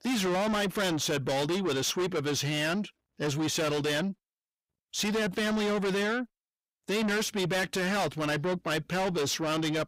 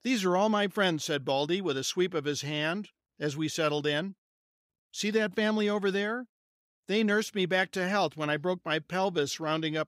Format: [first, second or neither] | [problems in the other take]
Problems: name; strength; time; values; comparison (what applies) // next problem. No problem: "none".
second | distortion; heavy; 6 dB below the speech